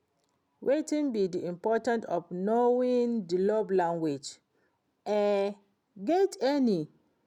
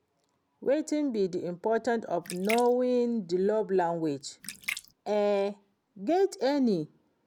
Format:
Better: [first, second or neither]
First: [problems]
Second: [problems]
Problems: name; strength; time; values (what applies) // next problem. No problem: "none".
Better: first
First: none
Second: background sound (Splash, splatter); 15 dB below the speech